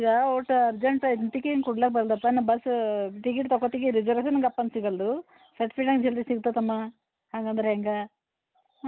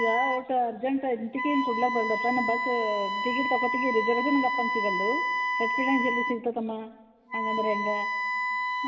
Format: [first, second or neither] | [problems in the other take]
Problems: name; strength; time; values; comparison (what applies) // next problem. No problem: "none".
first | background sound (Wind instrument, woodwind instrument); as loud as the speech // room echo; dies away in 2.6 s